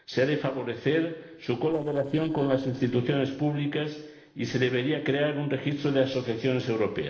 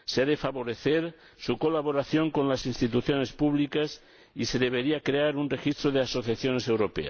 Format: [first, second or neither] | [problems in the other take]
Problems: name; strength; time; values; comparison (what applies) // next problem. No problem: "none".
second | noise reduction (neural separator model SepFormer DNS4)